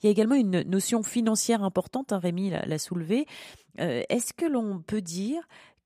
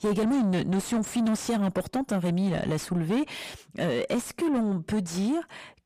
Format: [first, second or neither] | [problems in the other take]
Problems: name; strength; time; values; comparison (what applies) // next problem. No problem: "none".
first | distortion; heavy; 6 dB below the speech